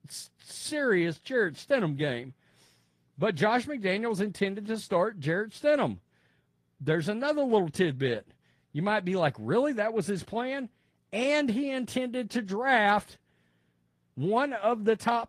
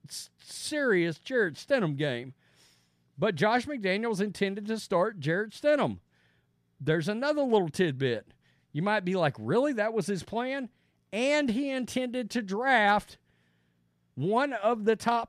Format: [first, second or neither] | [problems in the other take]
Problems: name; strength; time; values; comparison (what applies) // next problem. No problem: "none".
second | garbled, watery; slightly; nothing above 14.5 kHz